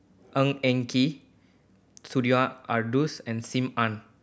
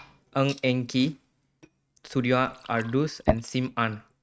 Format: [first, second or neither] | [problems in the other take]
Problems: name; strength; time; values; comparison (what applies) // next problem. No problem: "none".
first | noise reduction (neural mask model RNNoise)